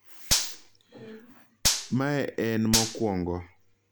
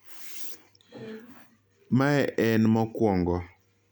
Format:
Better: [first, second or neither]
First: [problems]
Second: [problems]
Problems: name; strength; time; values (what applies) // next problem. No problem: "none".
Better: second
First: background sound (Gunshot, gunfire); as loud as the speech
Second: none